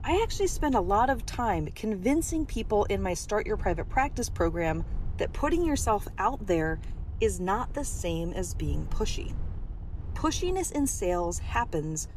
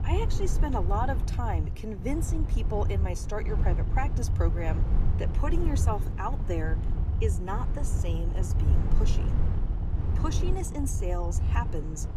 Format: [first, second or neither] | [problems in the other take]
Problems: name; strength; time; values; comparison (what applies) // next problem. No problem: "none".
first | low rumble; loud; throughout; 7 dB below the speech; faint in the first